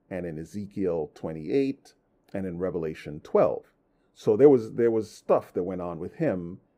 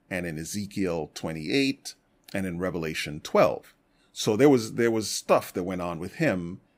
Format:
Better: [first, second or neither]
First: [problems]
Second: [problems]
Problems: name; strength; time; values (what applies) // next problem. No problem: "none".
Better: second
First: muffled; very; fading above 2 kHz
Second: none